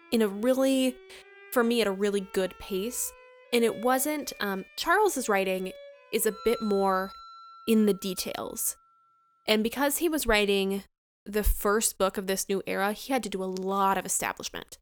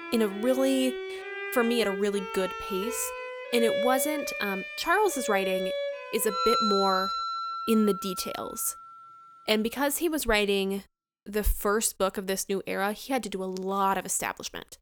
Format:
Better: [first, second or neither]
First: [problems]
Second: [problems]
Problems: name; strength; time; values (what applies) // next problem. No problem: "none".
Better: first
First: background music; faint; until 10 s; 20 dB below the speech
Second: background music; loud; until 10 s; 4 dB below the speech